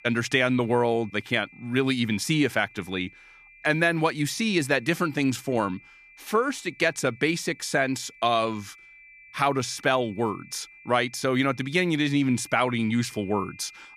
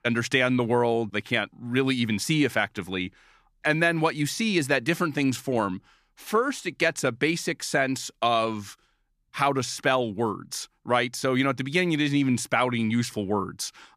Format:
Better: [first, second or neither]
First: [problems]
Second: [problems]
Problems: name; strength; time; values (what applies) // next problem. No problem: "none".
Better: second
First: high-pitched whine; faint; throughout; 2.5 kHz, 25 dB below the speech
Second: none